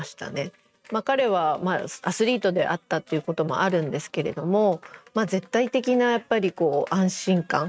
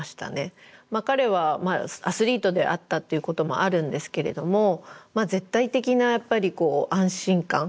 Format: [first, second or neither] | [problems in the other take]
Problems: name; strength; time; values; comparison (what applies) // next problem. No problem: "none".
second | noise reduction (neural mask model RNNoise)